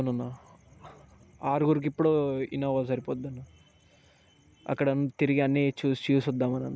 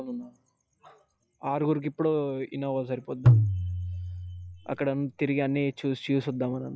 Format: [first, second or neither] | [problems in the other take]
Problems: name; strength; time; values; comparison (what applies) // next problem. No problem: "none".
first | noise reduction (classical method log-MMSE)